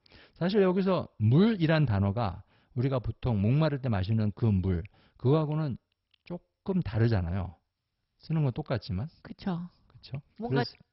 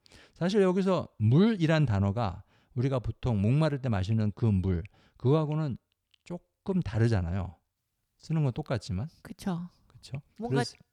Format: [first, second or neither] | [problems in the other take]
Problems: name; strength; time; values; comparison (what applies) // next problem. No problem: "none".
second | garbled, watery; badly; nothing above 5.5 kHz